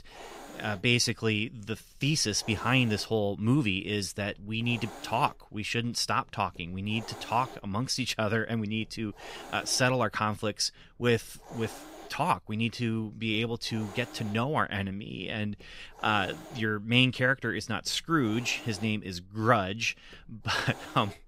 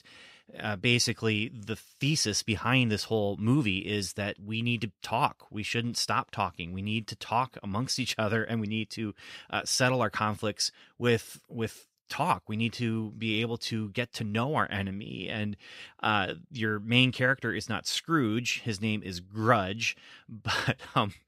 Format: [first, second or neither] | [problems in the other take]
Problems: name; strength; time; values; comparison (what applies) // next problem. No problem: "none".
second | hiss; noticeable; throughout; 20 dB below the speech